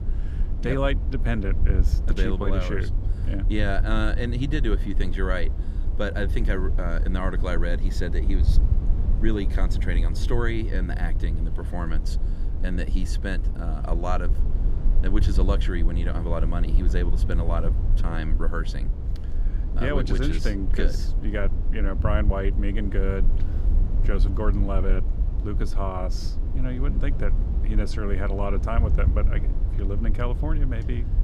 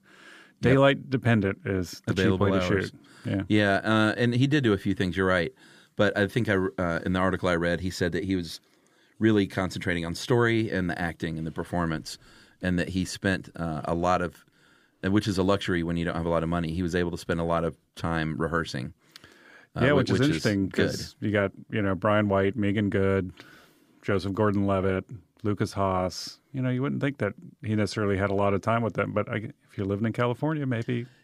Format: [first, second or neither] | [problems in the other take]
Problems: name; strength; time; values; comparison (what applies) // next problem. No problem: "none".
second | low rumble; noticeable; throughout; 10 dB below the speech